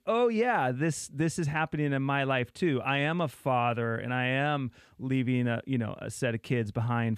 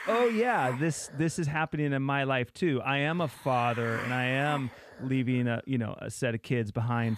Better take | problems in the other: first | hiss; noticeable; throughout; 10 dB below the speech

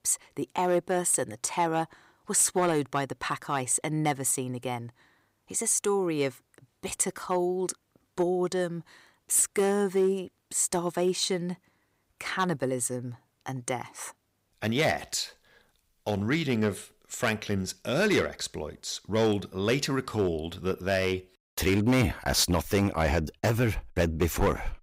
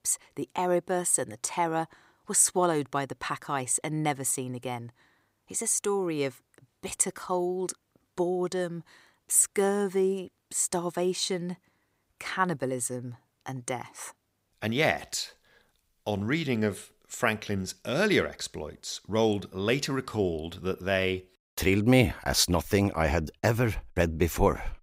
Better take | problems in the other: second | distortion; slight; 3% of the sound clipped

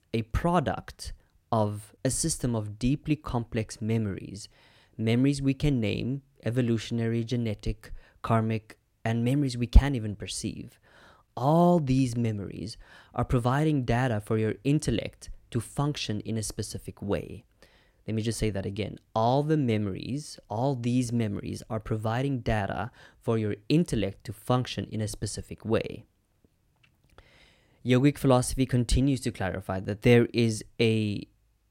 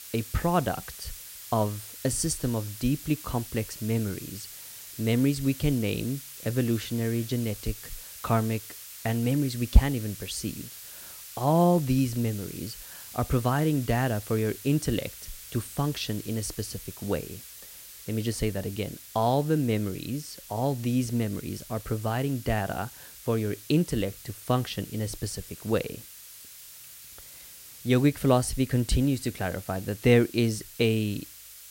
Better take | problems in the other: first | hiss; noticeable; throughout; 15 dB below the speech

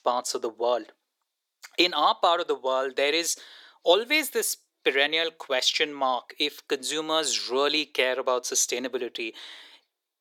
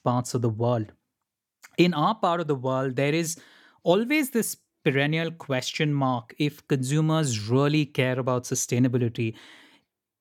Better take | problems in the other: second | thin; very; fading below 400 Hz

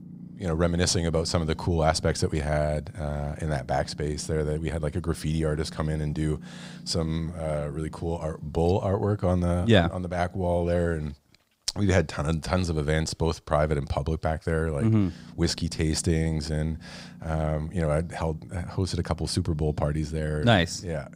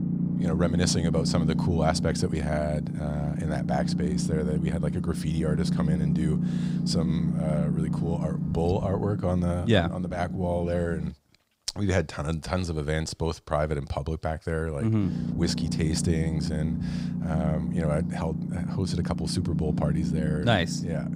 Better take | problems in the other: first | low rumble; loud; until 11 s and from 15 s on; 6 dB below the speech; faint in the first

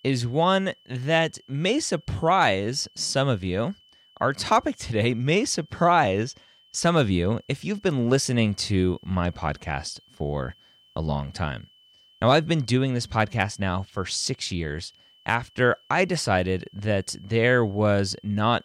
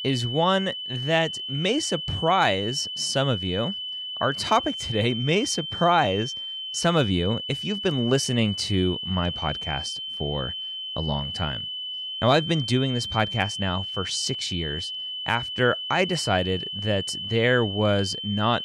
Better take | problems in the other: first | high-pitched whine; loud; throughout; 3 kHz, 5 dB below the speech; faint in the first

